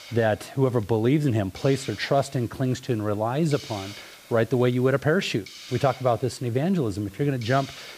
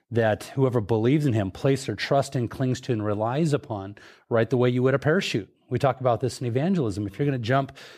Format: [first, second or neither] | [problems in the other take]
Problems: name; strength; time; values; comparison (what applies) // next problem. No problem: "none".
second | hiss; noticeable; throughout; 20 dB below the speech